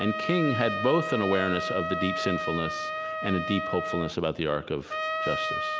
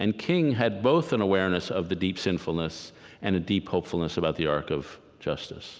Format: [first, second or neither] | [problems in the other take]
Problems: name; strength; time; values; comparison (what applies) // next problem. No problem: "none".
second | background sound (Trumpet); 3 dB below the speech